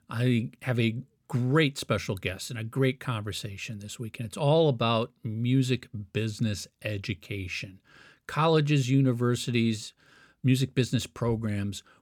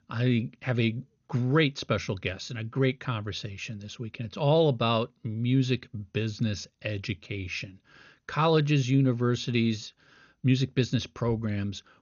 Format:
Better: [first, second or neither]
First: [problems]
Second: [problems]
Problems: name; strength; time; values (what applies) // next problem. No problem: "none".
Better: first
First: none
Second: garbled, watery; slightly; nothing above 6.5 kHz